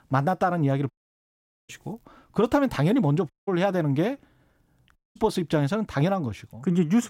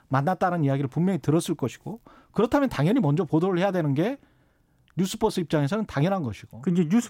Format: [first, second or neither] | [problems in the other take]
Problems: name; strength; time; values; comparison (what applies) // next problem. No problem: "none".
second | audio cutting out; at 1 s for 1 s, at 3.5 s and at 5 s